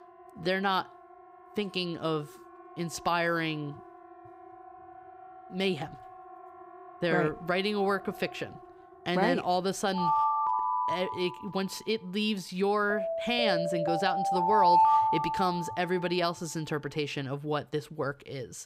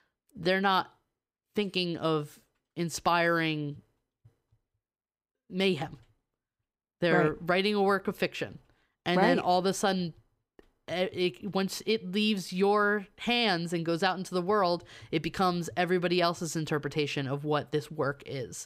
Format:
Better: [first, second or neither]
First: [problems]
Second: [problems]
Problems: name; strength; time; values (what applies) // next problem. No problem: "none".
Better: second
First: alarms or sirens; very loud; throughout; 3 dB above the speech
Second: none